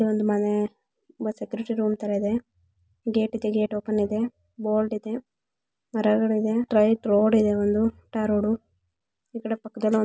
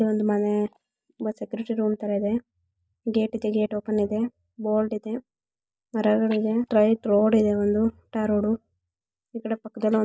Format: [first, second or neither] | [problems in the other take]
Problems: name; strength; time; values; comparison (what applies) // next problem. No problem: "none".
first | noise reduction (neural mask model DeepFilterNet 3)